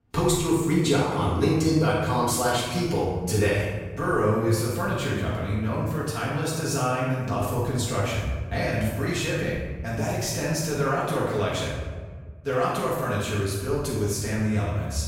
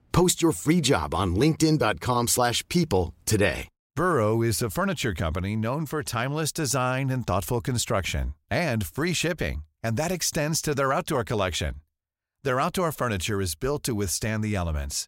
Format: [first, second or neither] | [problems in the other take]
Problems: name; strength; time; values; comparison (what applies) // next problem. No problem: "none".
second | room echo; strong; dies away in 1.4 s // off-mic speech; far